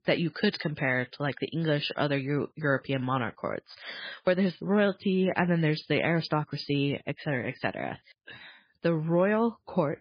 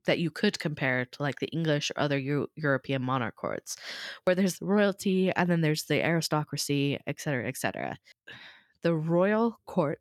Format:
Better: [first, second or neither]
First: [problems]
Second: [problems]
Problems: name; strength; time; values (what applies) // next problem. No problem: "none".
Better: second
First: garbled, watery; badly; nothing above 5 kHz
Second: none